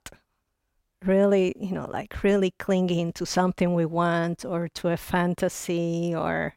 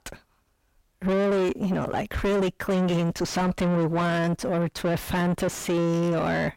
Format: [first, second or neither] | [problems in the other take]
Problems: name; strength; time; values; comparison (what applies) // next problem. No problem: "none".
first | distortion; heavy; 6 dB below the speech